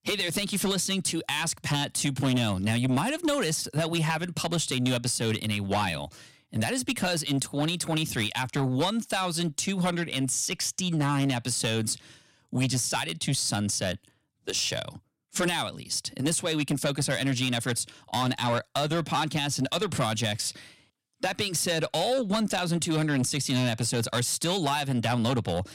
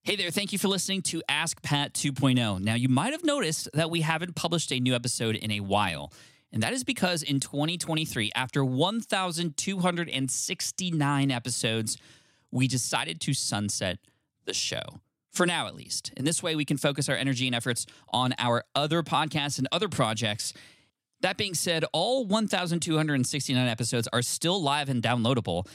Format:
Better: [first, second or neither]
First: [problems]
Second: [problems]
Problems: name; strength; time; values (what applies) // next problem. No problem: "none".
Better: second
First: distortion; slight; 10 dB below the speech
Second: none